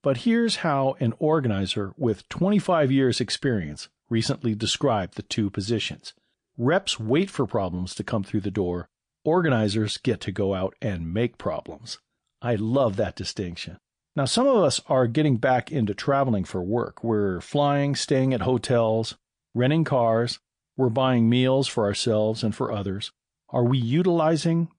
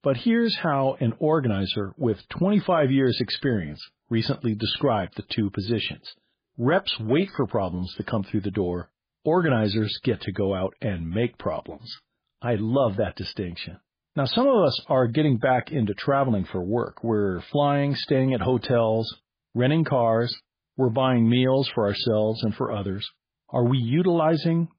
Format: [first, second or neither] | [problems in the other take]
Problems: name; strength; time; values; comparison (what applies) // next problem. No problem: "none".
first | garbled, watery; badly; nothing above 4.5 kHz; slightly in the first